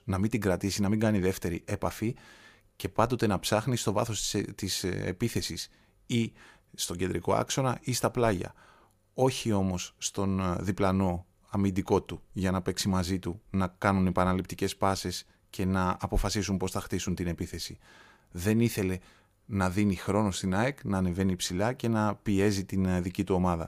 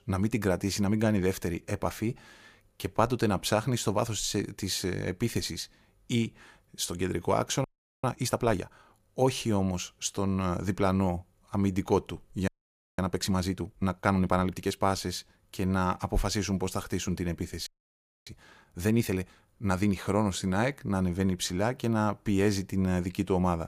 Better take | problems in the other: first | audio freezing; at 7.5 s, at 12 s for 0.5 s and at 18 s for 0.5 s

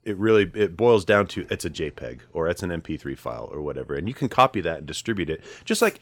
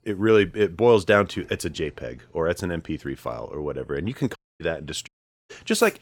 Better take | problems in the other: first | audio cutting out; at 4.5 s and at 5 s

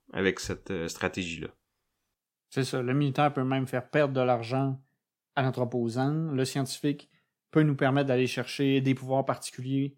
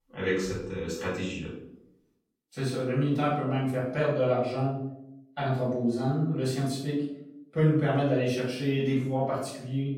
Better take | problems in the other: first | off-mic speech; far // room echo; noticeable; dies away in 0.7 s

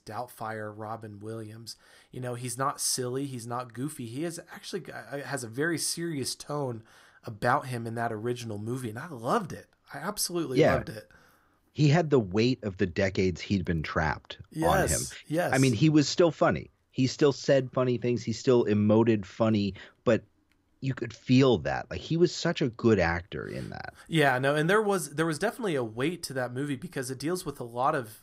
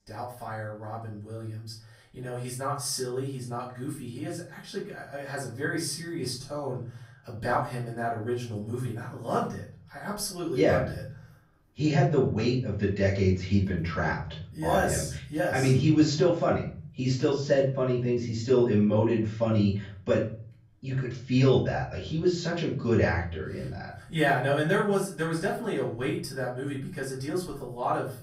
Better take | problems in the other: first | room echo; slight; dies away in 0.5 s // off-mic speech; far

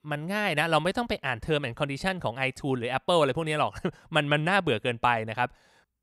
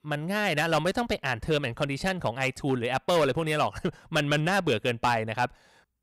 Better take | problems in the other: first | distortion; slight; 5% of the sound clipped

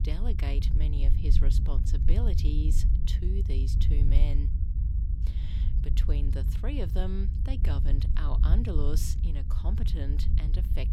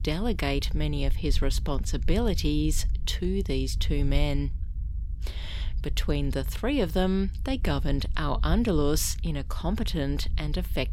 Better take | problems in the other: second | low rumble; loud; throughout; 4 dB below the speech; faint in the second

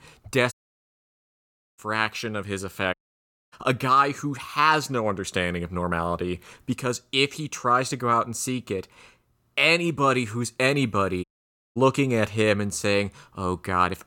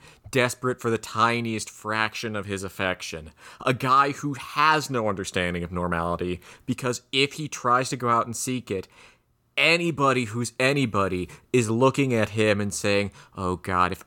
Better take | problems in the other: second | audio cutting out; at 0.5 s for 1.5 s, at 3 s for 0.5 s and at 11 s for 0.5 s

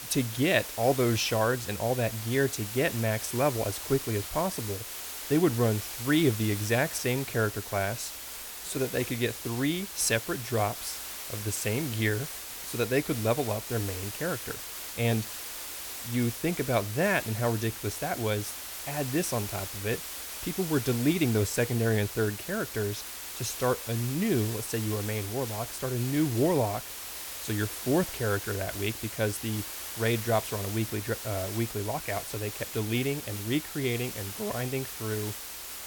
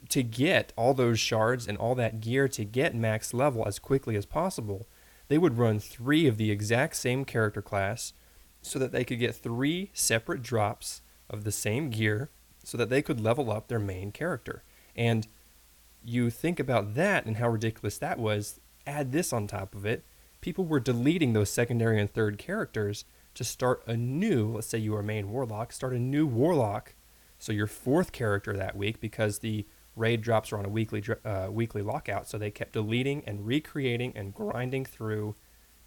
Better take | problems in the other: second | hiss; loud; throughout; 7 dB below the speech; faint in the second

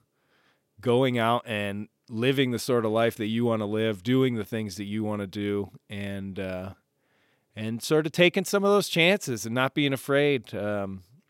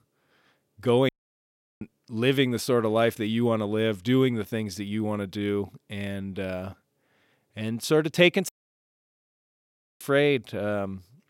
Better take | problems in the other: first | audio cutting out; at 1 s for 0.5 s and at 8.5 s for 1.5 s

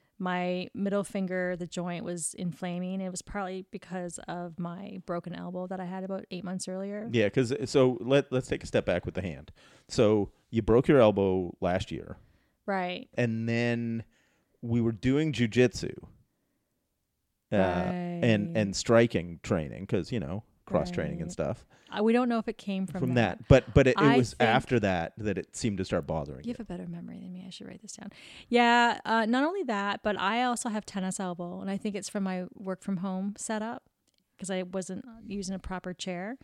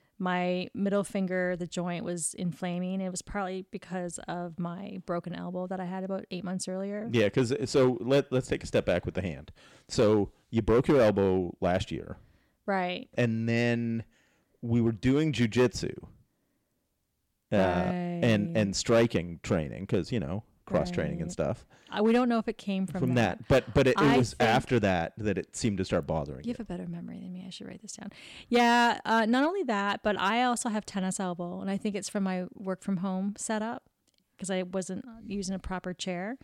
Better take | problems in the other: first | distortion; slight; 2% of the sound clipped

